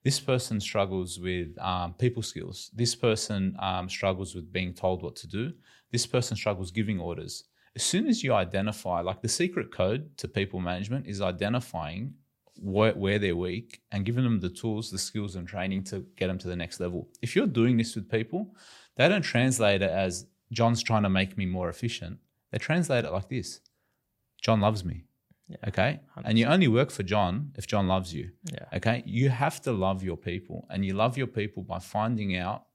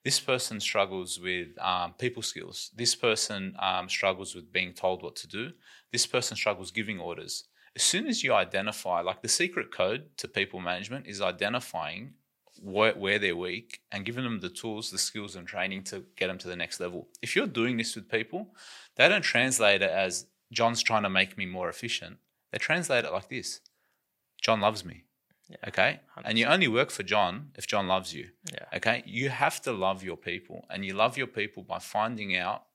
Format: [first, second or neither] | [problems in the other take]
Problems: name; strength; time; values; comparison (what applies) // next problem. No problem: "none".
first | thin; somewhat; fading below 700 Hz